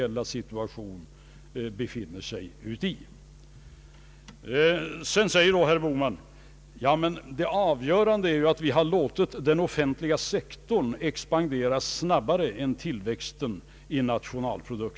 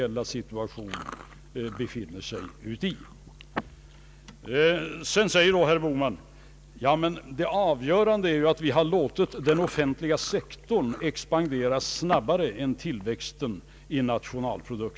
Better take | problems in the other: first | background sound (Chewing, mastication); 19 dB below the speech

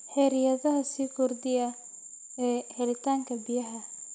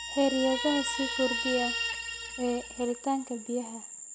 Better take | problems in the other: first | background sound (Guitar); 5 dB below the speech

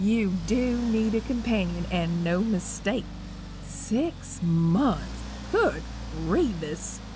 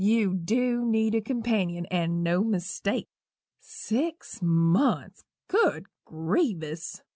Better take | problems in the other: second | background sound (Accelerating, revving, vroom); 10 dB below the speech

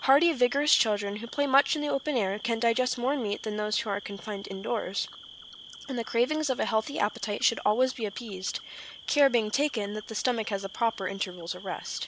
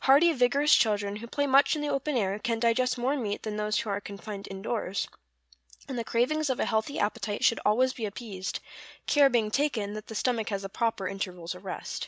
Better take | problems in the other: second | background sound (Cricket); 18 dB below the speech

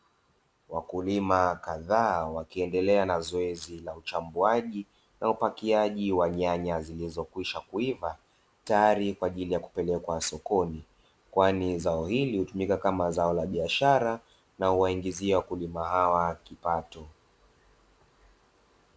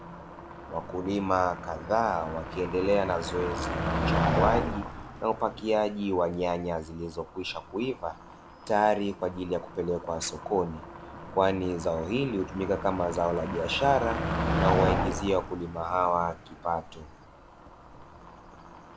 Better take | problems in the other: first | background sound (Motor vehicle (road)); 4 dB below the speech

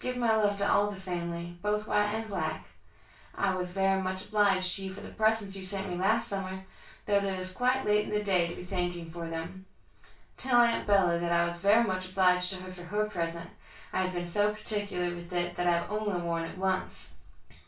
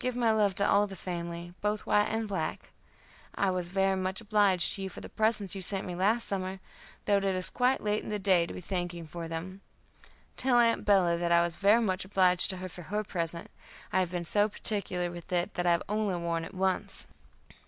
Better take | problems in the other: second | room echo; dies away in 0.3 s

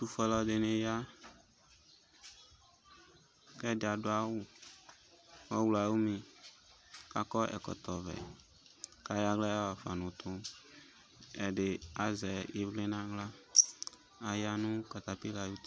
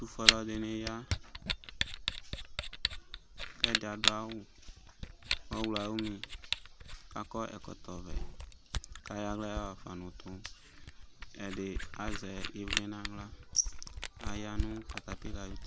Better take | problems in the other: first | background sound (Camera); 4 dB above the speech

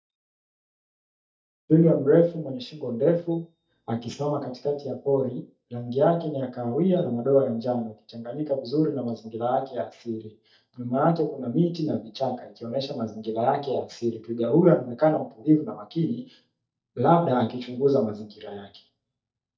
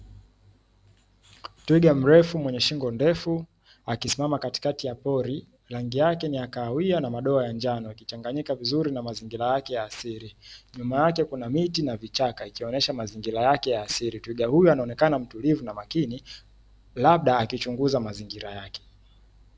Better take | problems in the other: second | noise reduction (neural mask model DeepFilterNet 3)

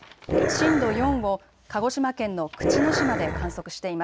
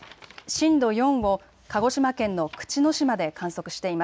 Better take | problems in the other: second | background sound (Growling); 1 dB above the speech

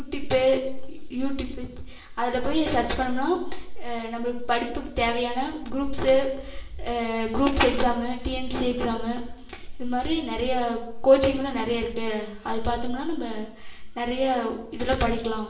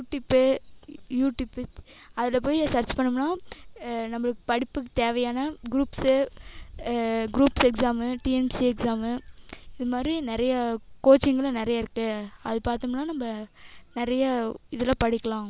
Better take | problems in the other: second | room echo; dies away in 0.7 s

